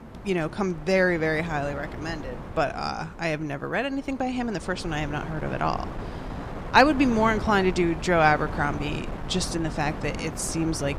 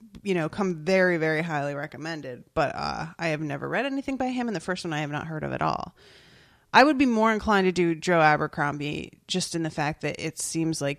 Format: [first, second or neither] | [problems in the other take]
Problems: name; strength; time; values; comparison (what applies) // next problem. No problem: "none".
second | wind noise on the microphone; occasional gusts; 15 dB below the speech